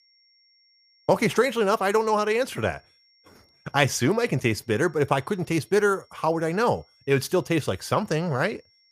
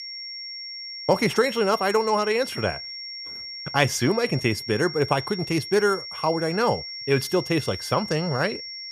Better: first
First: high-pitched whine; faint; throughout; 5.5 kHz, 35 dB below the speech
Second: high-pitched whine; loud; throughout; 5.5 kHz, 9 dB below the speech

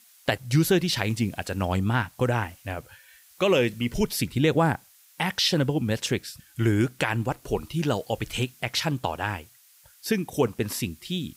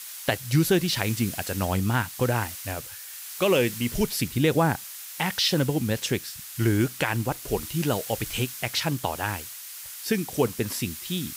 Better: first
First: hiss; faint; throughout; 25 dB below the speech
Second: hiss; loud; throughout; 10 dB below the speech

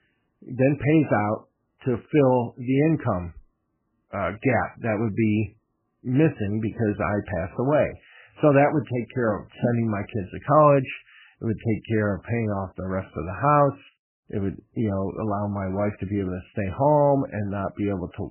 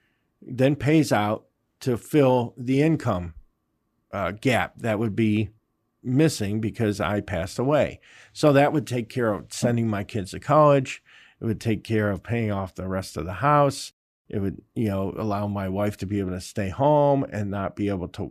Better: second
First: garbled, watery; badly; nothing above 3 kHz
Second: none

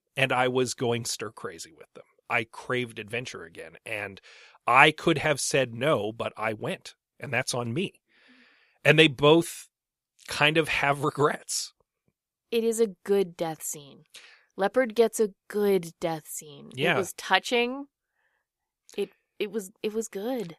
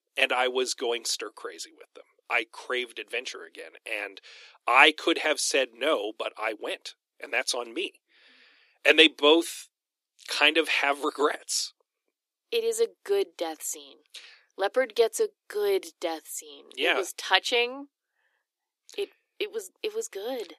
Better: first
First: none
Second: thin; somewhat; fading below 300 Hz

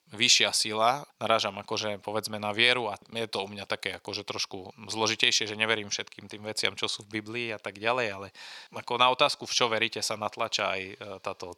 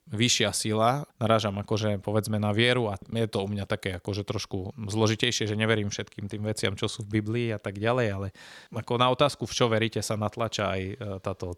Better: second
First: thin; somewhat; fading below 550 Hz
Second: none

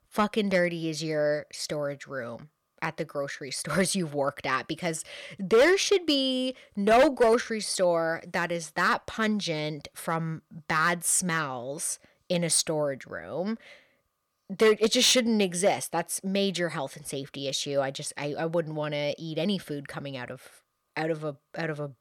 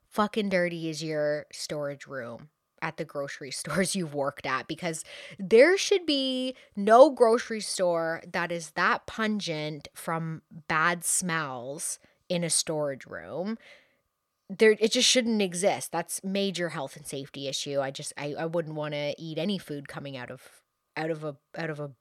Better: second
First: distortion; slight; 1.7% of the sound clipped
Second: none

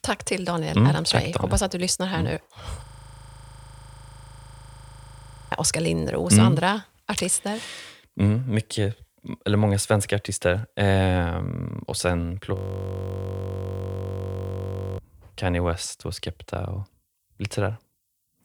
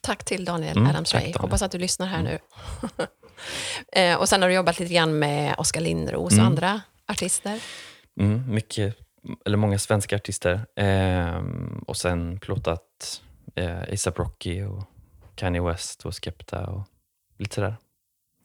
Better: second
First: audio freezing; at 3 s for 2.5 s and at 13 s for 2.5 s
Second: none

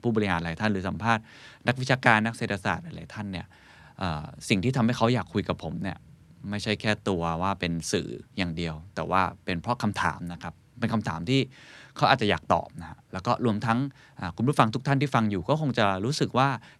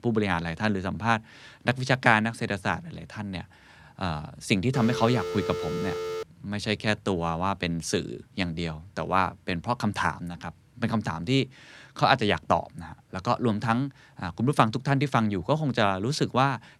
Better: first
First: none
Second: phone ringing; noticeable; from 4.5 to 6 s; peak 5 dB below the speech

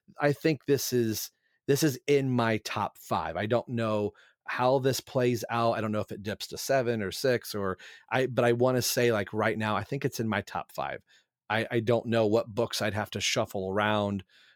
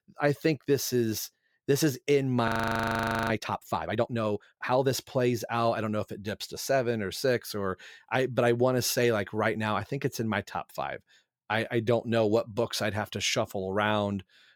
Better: first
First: none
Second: audio freezing; at 2.5 s for 1 s

